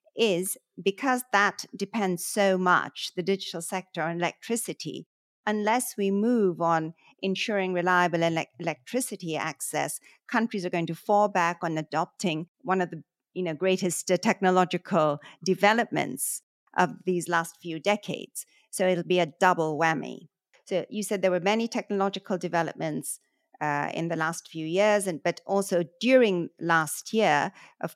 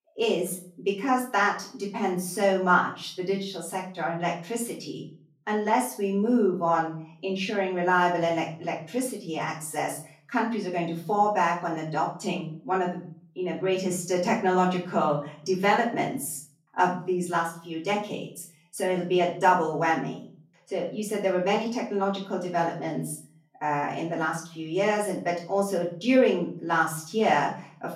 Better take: first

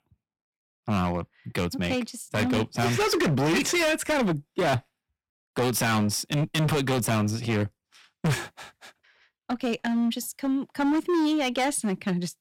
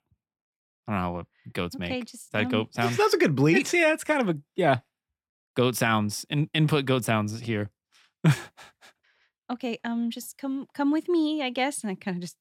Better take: second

